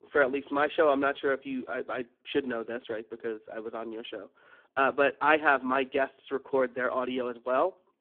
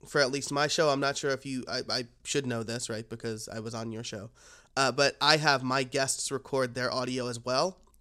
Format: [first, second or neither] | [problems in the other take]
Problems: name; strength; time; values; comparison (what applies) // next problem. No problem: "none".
second | phone-call audio; poor line